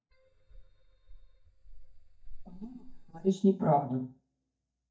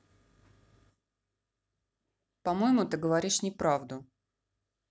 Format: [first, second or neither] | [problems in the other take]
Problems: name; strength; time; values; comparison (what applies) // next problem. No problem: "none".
second | noise reduction (neural mask model DeepFilterNet 3)